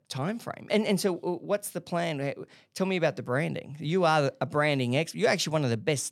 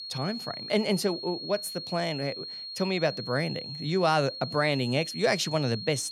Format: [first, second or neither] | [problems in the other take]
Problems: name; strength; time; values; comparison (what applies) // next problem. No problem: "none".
first | high-pitched whine; loud; throughout; 4.5 kHz, 8 dB below the speech